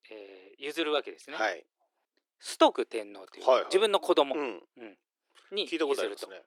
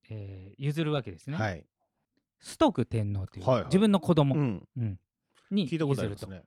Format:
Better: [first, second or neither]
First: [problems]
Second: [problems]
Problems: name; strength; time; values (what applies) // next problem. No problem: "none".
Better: second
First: thin; very; fading below 350 Hz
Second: none